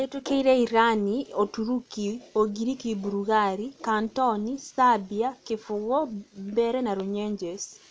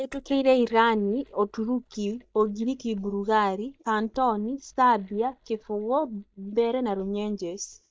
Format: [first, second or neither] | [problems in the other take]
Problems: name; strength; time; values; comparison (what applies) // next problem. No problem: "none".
first | noise reduction (neural mask model DeepFilterNet 3)